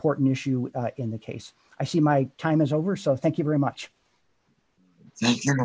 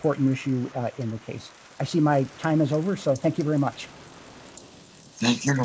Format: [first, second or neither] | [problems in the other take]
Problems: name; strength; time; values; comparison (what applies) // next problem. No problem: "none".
first | noise reduction (neural mask model Resemble Enhance denoiser)